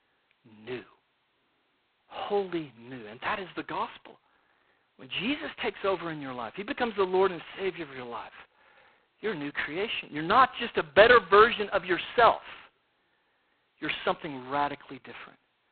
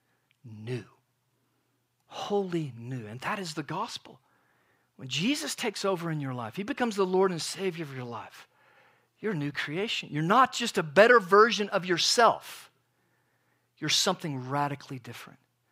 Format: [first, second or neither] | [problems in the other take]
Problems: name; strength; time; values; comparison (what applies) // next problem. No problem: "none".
second | phone-call audio; poor line; nothing above 4 kHz